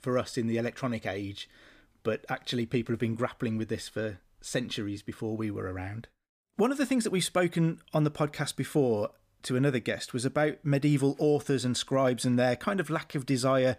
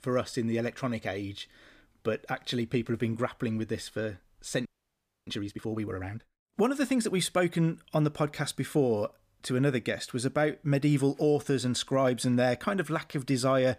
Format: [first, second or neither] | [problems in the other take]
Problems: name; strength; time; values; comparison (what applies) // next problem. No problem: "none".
first | audio freezing; at 4.5 s for 0.5 s